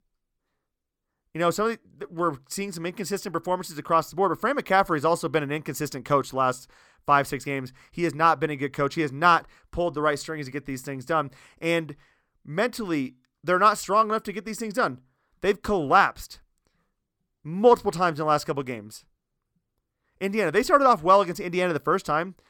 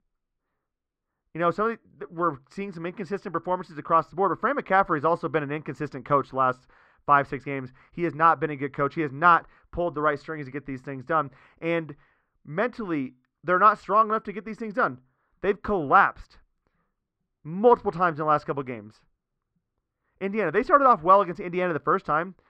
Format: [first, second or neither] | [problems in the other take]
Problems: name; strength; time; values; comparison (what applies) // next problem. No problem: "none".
first | muffled; very; fading above 2 kHz